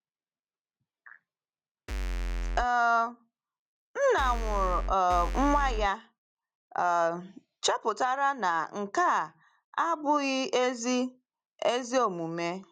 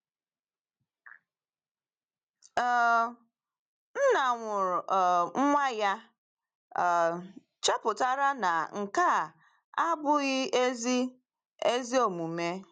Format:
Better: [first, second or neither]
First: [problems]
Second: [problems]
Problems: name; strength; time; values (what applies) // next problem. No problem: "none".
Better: second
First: background sound (Bass drum / Keyboard (musical)); 1 dB below the speech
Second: none